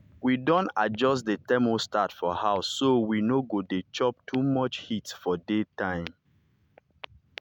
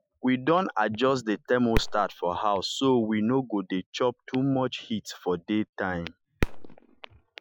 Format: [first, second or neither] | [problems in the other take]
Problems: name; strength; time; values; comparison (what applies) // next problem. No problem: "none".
first | noise reduction (classical method Wiener filter)